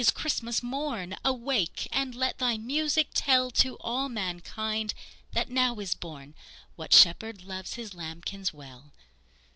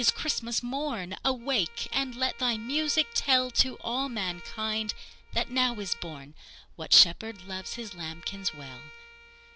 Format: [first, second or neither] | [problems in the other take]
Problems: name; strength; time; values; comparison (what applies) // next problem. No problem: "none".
first | background sound (Bowed string instrument); 20 dB below the speech